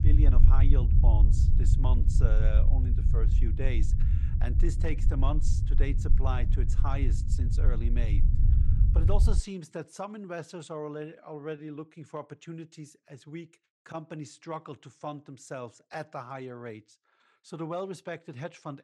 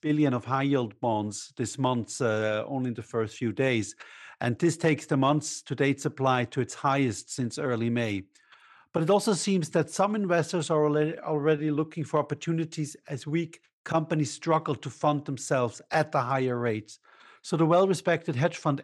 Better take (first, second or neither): second